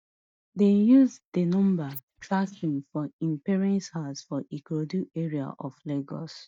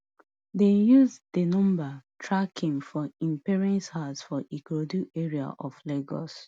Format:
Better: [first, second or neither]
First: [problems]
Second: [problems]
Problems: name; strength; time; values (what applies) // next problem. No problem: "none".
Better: second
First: noise reduction (neural mask model DeepFilterNet 3)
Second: none